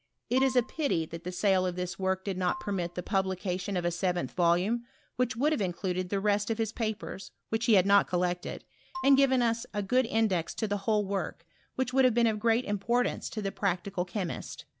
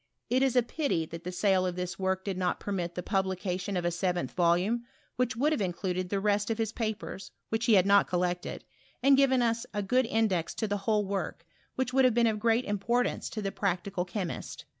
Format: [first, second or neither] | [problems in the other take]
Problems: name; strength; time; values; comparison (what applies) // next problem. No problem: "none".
second | background sound (Marimba, xylophone); 17 dB below the speech